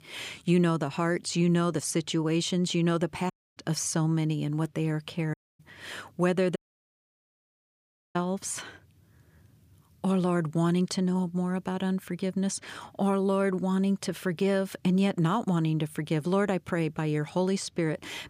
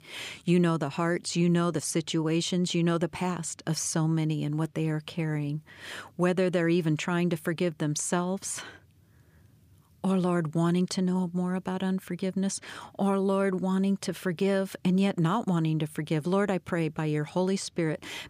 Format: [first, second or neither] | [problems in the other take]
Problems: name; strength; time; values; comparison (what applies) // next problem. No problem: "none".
second | audio cutting out; at 3.5 s, at 5.5 s and at 6.5 s for 1.5 s